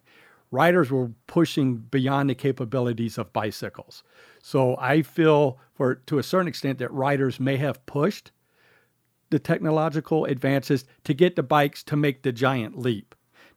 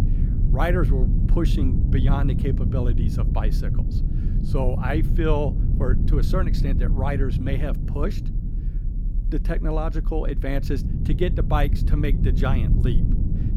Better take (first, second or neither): first